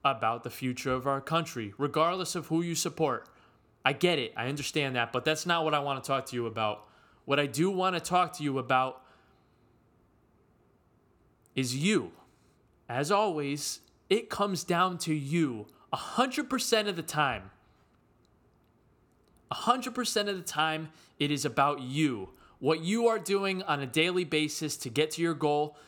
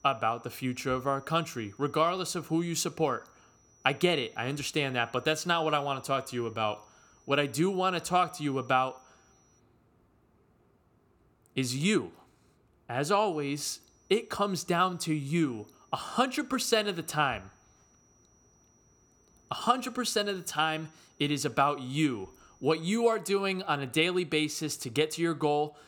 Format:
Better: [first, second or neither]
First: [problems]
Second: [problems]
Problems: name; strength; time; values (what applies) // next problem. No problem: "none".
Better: first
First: none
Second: high-pitched whine; faint; until 9.5 s and from 13 to 23 s; 6 kHz, 35 dB below the speech